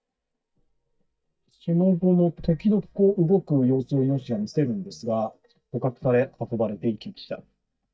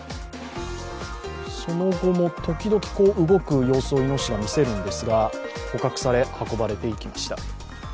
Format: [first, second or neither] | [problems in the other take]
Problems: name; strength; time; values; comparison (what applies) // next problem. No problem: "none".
second | noise reduction (neural mask model DeepFilterNet 3)